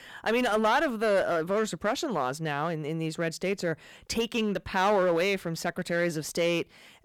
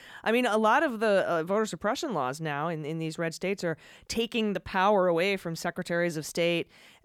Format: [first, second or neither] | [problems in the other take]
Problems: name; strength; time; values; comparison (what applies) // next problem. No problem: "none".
second | distortion; slight; 6% of the sound clipped